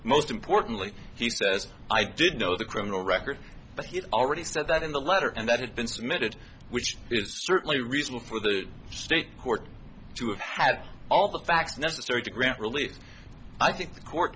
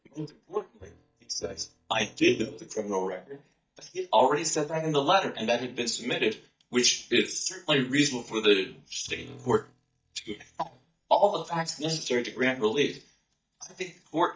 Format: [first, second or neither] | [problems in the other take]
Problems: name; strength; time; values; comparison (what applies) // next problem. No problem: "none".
first | noise reduction (neural mask model DeepFilterNet 3)